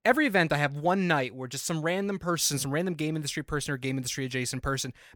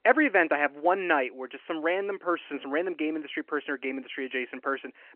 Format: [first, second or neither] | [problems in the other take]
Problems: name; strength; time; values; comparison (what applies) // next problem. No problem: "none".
first | phone-call audio